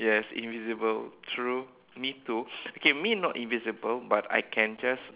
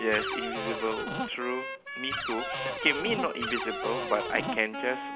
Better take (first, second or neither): first